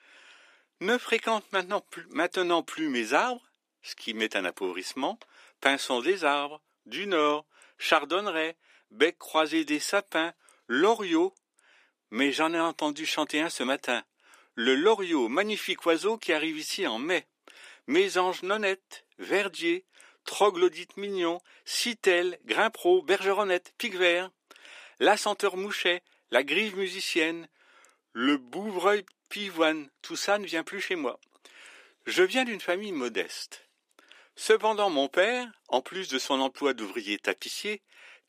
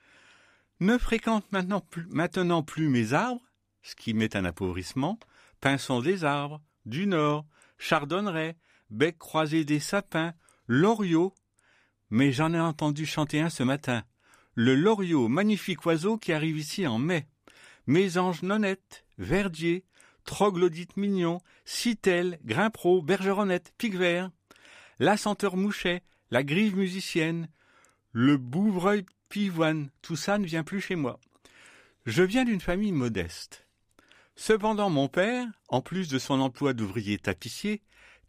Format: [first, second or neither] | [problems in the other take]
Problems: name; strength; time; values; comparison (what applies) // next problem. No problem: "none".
second | thin; somewhat; fading below 300 Hz